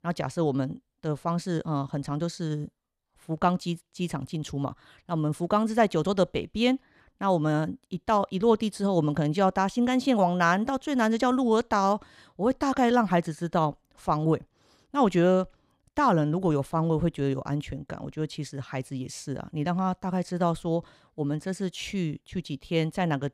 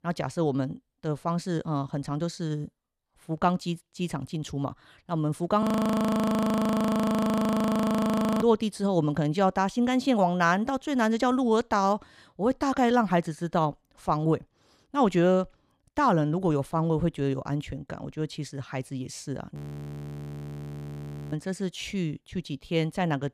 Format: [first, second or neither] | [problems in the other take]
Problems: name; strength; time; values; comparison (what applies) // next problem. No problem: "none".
first | audio freezing; at 5.5 s for 3 s and at 20 s for 2 s